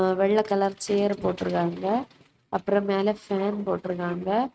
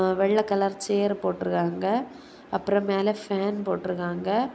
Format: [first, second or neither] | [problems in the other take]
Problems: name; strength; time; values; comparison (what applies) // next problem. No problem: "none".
second | noise reduction (neural mask model RNNoise)